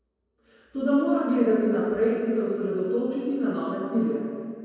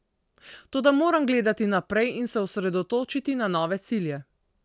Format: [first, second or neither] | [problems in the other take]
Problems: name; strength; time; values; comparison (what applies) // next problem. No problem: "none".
second | room echo; dies away in 2.2 s